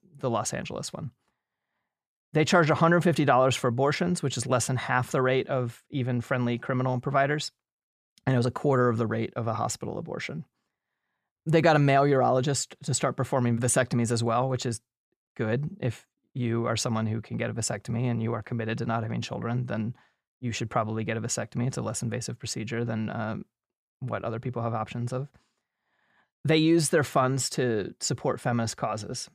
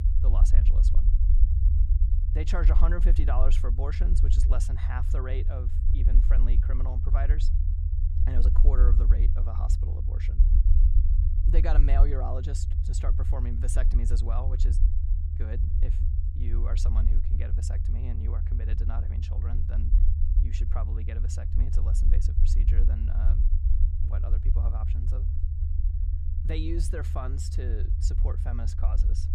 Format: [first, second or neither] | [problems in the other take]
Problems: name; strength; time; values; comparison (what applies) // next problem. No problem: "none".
first | low rumble; loud; throughout; 5 dB below the speech